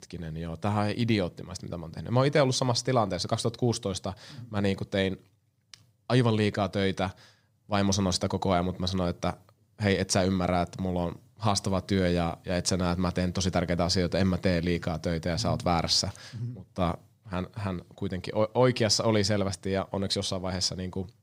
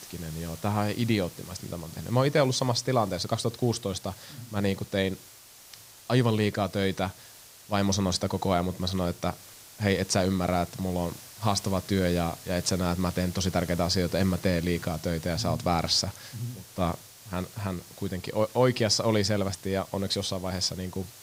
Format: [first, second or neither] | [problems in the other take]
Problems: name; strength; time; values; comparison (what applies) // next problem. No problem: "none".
first | hiss; noticeable; throughout; 15 dB below the speech